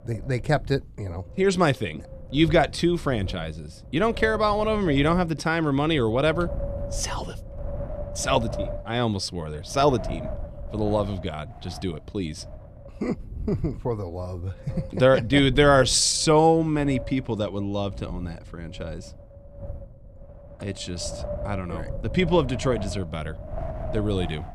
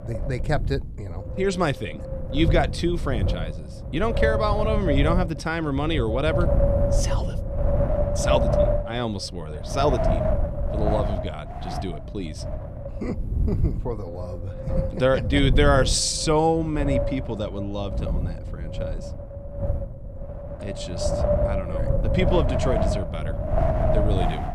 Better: first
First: wind noise on the microphone; occasional gusts; 15 dB below the speech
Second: wind noise on the microphone; heavy; 2 dB below the speech

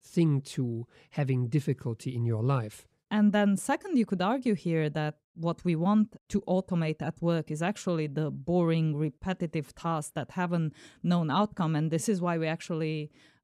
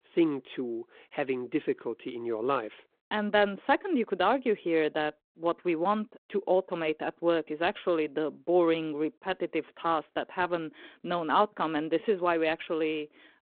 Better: first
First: none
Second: phone-call audio

